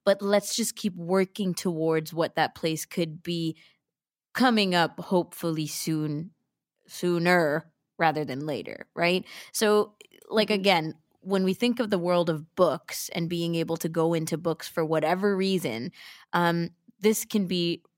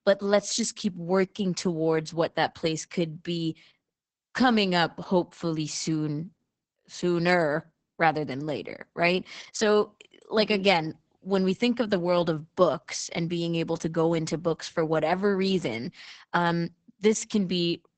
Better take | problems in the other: first | garbled, watery; badly; nothing above 8 kHz

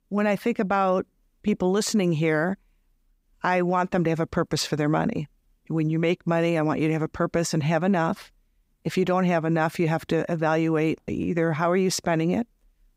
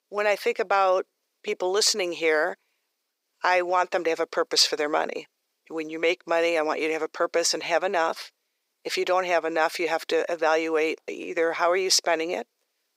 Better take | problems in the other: first | thin; very; fading below 450 Hz

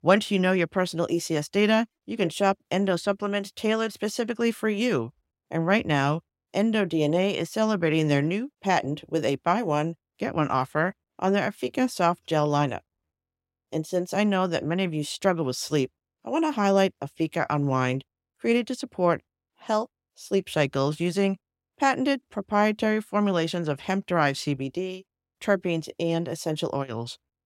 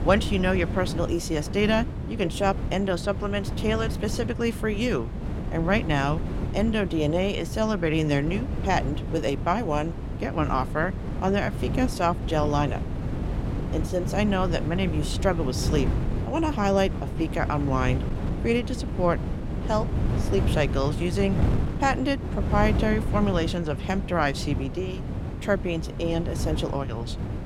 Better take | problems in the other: first | wind noise on the microphone; occasional gusts; 10 dB below the speech

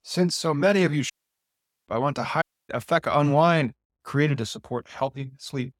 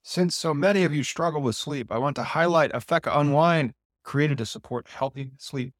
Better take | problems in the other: second | audio cutting out; at 1 s for 1 s and at 2.5 s

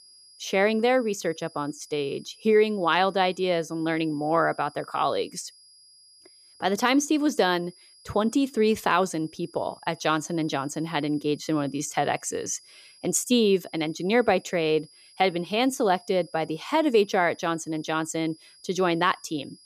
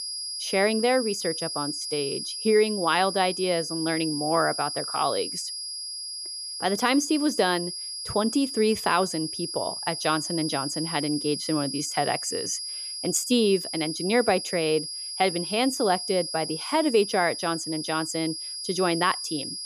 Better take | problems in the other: first | high-pitched whine; loud; throughout; 5 kHz, 5 dB below the speech; faint in the first

